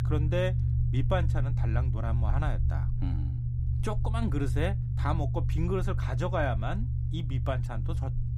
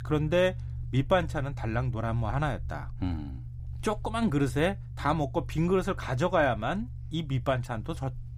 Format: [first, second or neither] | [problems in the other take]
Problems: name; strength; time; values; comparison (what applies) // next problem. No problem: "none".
second | low rumble; loud; throughout; 8 dB below the speech; faint in the second